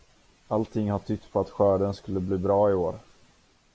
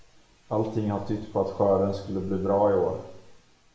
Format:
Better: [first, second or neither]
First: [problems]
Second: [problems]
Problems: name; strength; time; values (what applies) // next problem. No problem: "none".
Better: first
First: none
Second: room echo; dies away in 0.7 s